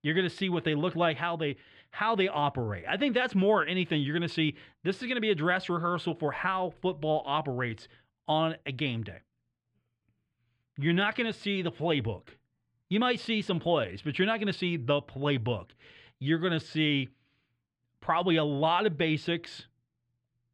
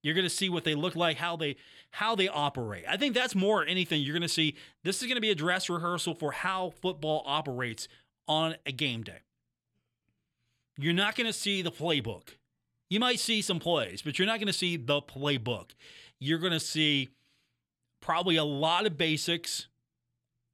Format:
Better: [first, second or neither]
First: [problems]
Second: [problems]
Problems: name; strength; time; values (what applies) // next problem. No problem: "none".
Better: second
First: muffled; slightly; fading above 2.5 kHz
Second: none